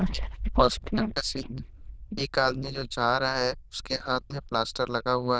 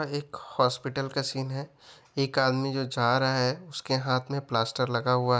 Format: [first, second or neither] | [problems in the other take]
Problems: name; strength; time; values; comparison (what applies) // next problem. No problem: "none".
second | noise reduction (neural diffusion model UNIVERSE++)